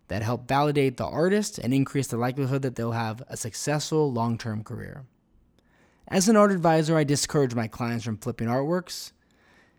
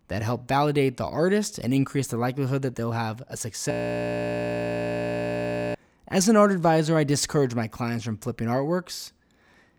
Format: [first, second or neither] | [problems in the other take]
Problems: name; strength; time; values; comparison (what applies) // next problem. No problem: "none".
first | audio freezing; at 3.5 s for 2 s